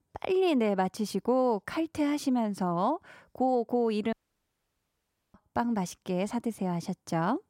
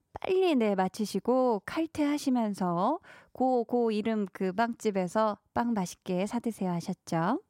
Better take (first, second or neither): second